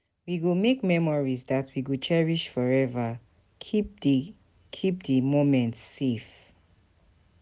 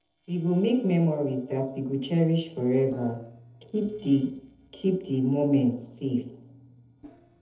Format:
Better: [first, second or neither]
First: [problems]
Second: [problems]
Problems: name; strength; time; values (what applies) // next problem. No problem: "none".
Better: first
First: none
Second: noise reduction (neural separator model SepFormer DNS4)